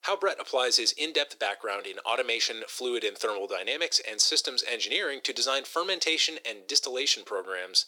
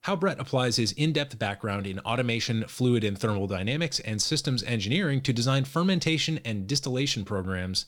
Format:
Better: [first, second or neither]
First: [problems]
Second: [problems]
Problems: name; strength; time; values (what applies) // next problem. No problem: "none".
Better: second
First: thin; very; fading below 400 Hz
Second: none